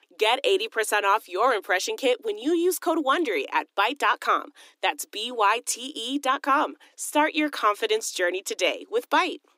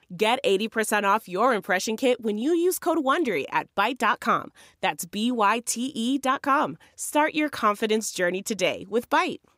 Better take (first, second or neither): second